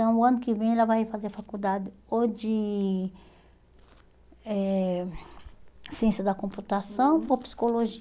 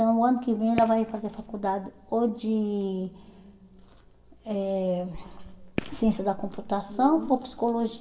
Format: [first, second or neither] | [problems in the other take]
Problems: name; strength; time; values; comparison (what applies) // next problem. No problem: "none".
first | background sound (Fireworks); 14 dB below the speech // room echo; dies away in 2.9 s